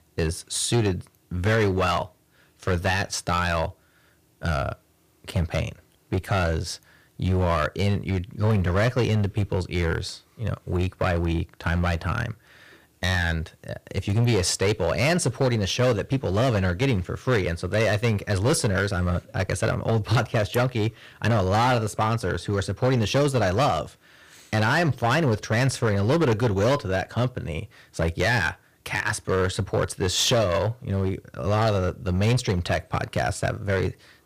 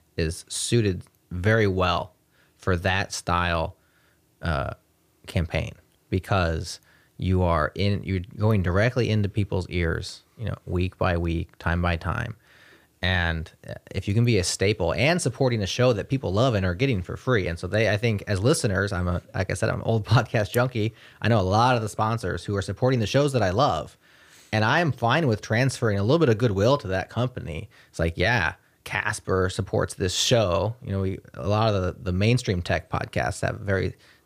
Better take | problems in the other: second | distortion; slight; 8% of the sound clipped

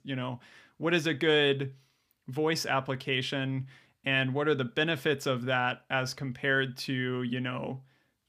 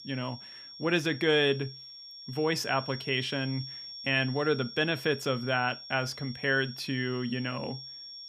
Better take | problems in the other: first | high-pitched whine; noticeable; throughout; 5.5 kHz, 10 dB below the speech

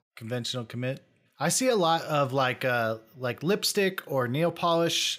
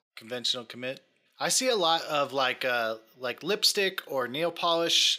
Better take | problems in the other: first | thin; somewhat; fading below 300 Hz

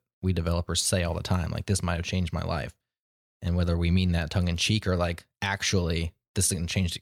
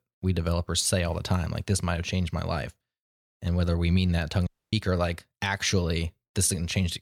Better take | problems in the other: first | audio cutting out; at 4.5 s

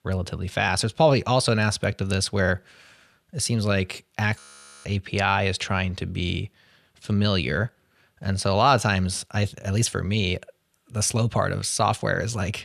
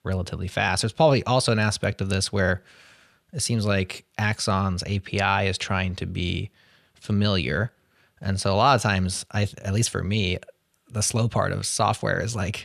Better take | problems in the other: second | audio freezing; at 4.5 s

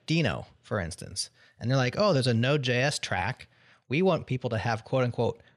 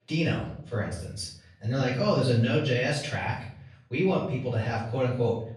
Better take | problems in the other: first | off-mic speech; far // room echo; noticeable; dies away in 0.6 s

